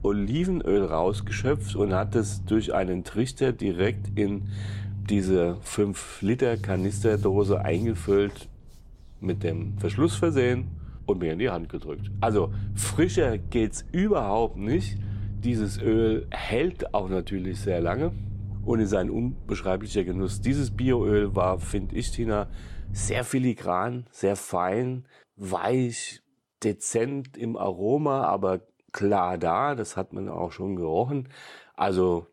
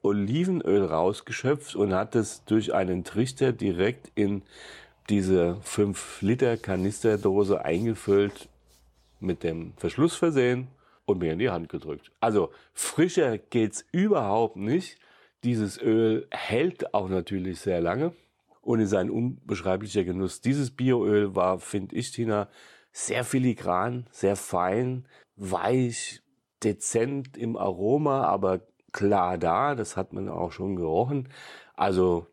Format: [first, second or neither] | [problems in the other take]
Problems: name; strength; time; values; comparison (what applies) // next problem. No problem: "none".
second | low rumble; faint; until 23 s; 20 dB below the speech